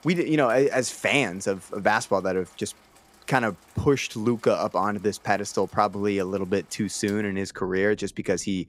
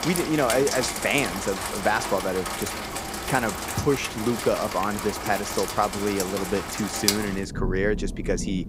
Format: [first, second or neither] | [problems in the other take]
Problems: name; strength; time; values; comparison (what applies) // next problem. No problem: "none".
first | rain or running water; loud; throughout; 3 dB below the speech; faint in the first